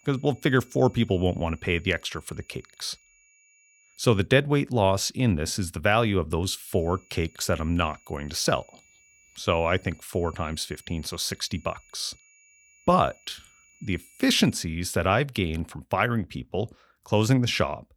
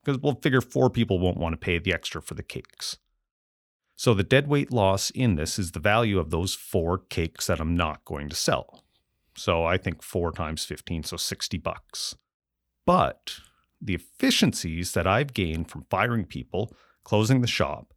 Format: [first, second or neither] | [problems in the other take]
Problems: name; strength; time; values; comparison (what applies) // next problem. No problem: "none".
second | high-pitched whine; faint; until 4 s and from 6.5 to 15 s; 2.5 kHz, 30 dB below the speech